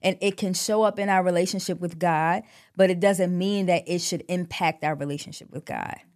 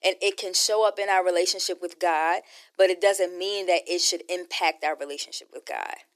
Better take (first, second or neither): first